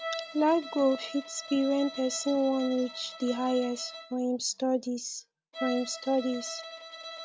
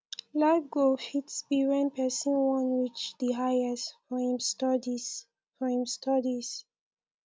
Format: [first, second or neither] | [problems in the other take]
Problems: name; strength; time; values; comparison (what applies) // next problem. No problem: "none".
second | background sound (Bowed string instrument); 12 dB below the speech